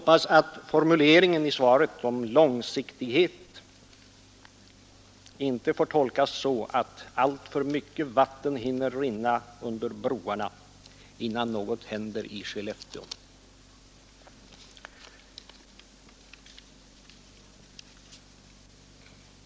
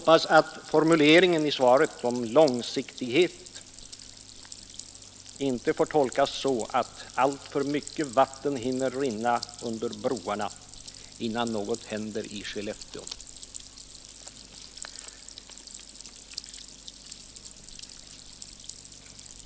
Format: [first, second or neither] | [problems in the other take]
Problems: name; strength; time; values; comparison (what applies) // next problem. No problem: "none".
first | background sound (Stream); 17 dB below the speech